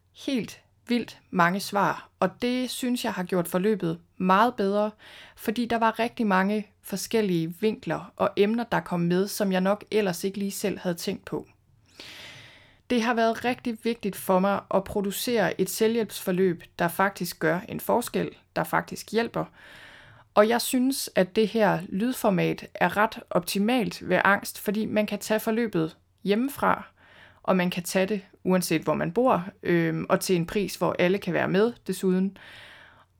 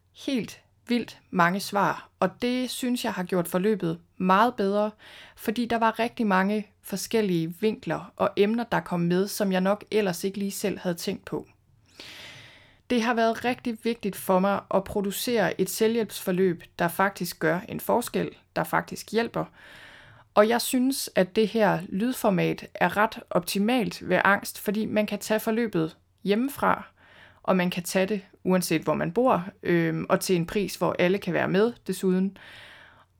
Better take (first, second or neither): neither